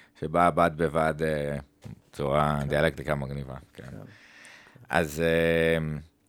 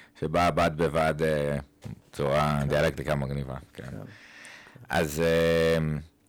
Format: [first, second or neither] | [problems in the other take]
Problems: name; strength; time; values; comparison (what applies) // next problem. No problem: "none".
first | distortion; heavy; 6% of the sound clipped